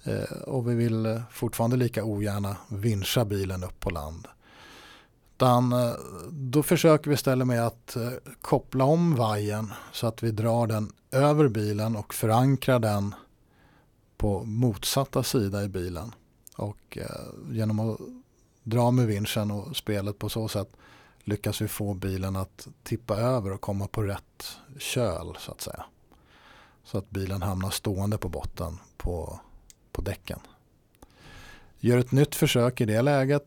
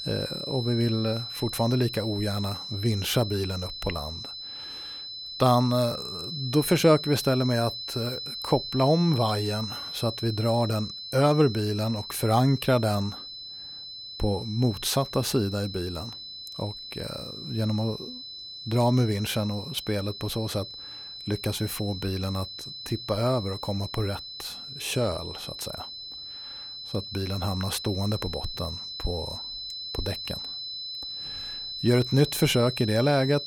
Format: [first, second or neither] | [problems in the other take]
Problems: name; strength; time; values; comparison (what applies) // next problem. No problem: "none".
first | high-pitched whine; loud; throughout; 4 kHz, 8 dB below the speech